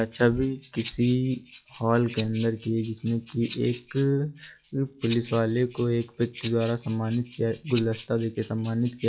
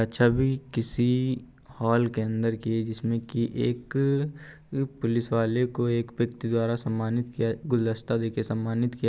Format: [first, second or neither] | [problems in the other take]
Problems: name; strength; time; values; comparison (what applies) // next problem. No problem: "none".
second | noise reduction (classical method log-MMSE)